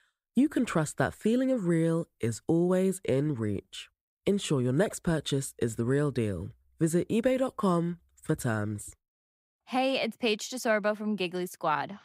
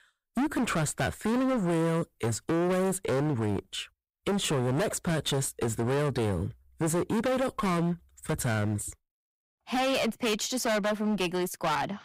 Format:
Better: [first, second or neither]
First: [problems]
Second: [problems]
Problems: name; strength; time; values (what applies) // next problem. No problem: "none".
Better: first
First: none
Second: distortion; heavy; 27% of the sound clipped